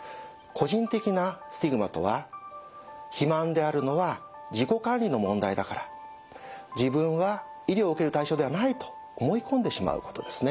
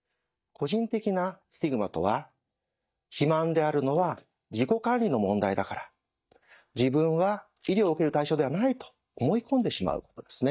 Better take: first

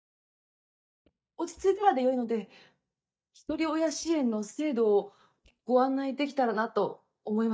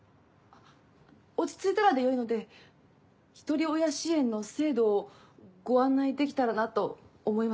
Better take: second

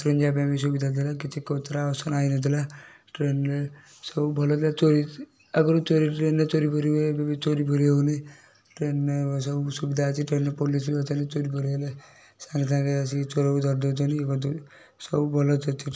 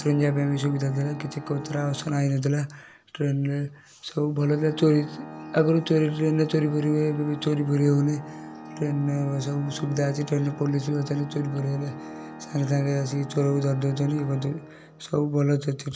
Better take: first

